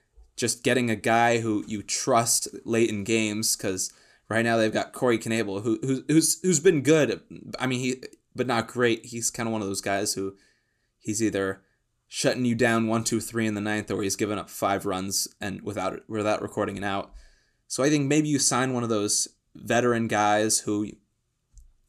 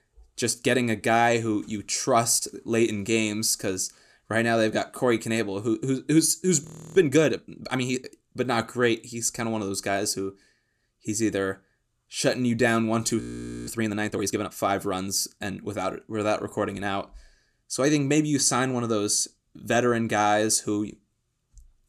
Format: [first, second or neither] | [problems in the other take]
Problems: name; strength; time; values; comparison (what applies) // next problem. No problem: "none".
first | audio freezing; at 6.5 s and at 13 s